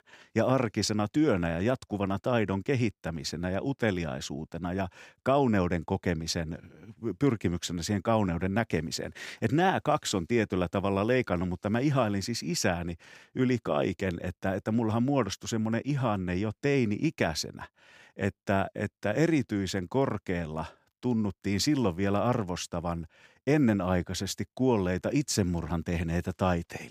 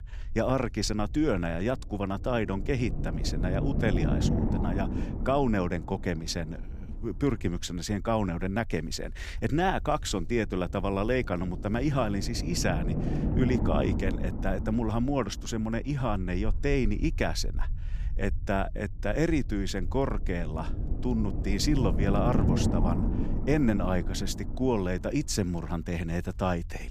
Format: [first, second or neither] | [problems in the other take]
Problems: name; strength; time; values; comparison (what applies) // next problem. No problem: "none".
first | low rumble; loud; throughout; 8 dB below the speech